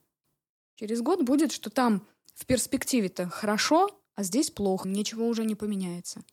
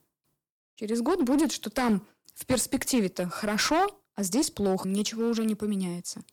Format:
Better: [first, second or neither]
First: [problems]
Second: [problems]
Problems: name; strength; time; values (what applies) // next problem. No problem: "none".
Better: first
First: none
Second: distortion; slight; 6% of the sound clipped